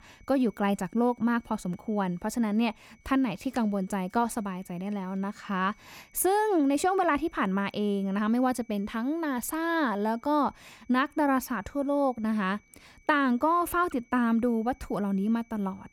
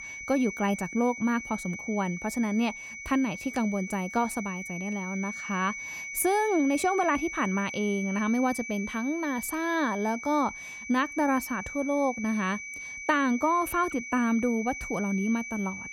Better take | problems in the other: first | high-pitched whine; loud; throughout; 2 kHz, 8 dB below the speech; faint in the first

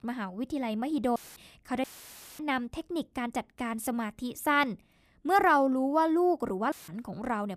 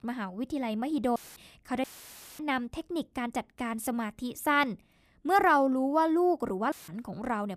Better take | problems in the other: neither | audio cutting out; filled with static; at 1 s, at 2 s for 0.5 s and at 6.5 s; the same in both

